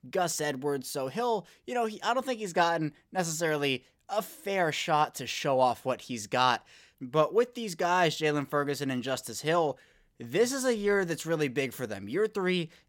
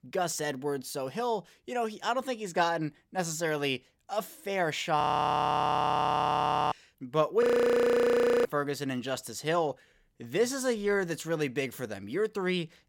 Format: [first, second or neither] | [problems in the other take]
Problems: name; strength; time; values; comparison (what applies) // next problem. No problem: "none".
first | audio freezing; at 5 s for 1.5 s and at 7.5 s for 1 s